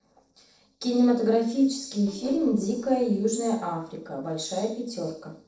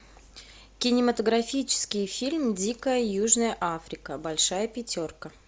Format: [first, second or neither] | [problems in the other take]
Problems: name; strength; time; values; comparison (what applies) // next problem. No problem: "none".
second | noise reduction (neural separator model SepFormer DNS4)